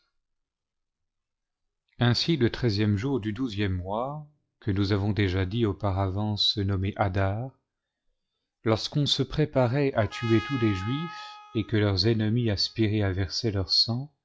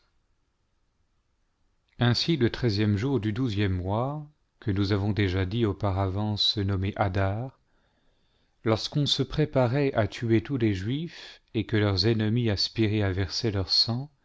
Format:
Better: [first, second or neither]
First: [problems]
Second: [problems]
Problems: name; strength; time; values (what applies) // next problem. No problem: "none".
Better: second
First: noise reduction (classical method log-MMSE)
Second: none